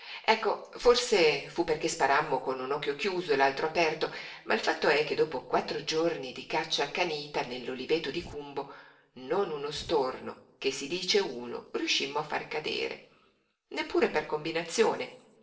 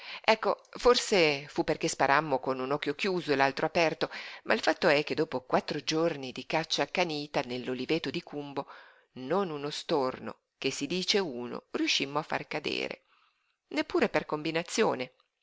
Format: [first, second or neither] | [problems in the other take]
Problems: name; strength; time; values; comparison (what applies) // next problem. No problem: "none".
second | noise reduction (neural separator model SepFormer DNS4)